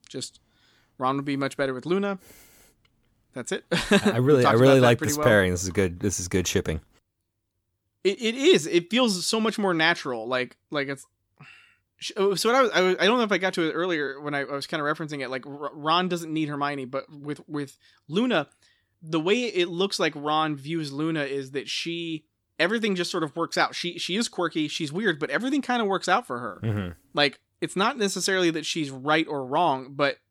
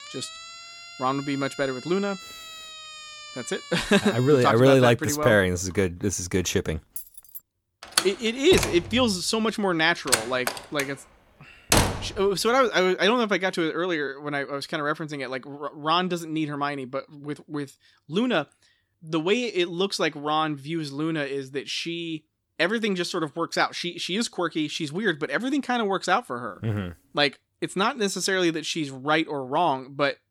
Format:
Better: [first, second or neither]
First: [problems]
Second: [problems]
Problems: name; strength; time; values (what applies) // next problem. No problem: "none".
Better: first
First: none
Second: siren; faint; until 4.5 s; peak 15 dB below the speech // jangling keys; faint; at 7 s; peak 10 dB below the speech // door banging; loud; from 8 to 12 s; peak 4 dB above the speech